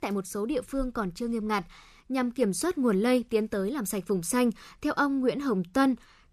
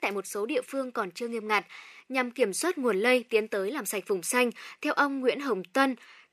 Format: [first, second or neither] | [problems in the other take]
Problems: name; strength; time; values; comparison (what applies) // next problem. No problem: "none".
first | thin; somewhat; fading below 400 Hz